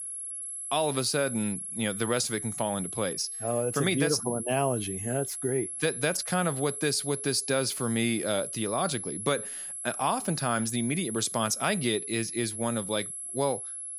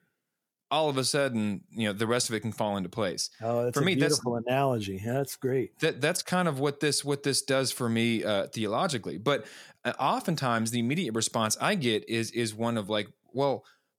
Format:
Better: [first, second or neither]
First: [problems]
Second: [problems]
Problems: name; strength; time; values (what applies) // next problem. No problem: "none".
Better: second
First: high-pitched whine; loud; throughout; 11 kHz, 5 dB below the speech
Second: none